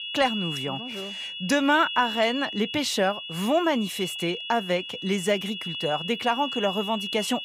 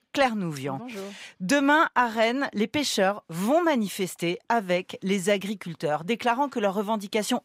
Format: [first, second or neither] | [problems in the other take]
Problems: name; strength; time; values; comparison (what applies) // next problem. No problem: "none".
second | high-pitched whine; loud; throughout; 3 kHz, 6 dB below the speech